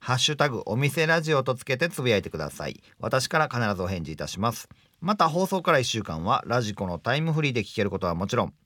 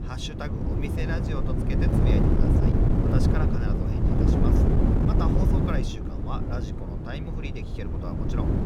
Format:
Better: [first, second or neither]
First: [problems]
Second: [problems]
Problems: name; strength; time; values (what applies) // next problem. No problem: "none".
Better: first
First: none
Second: wind noise on the microphone; heavy; 5 dB above the speech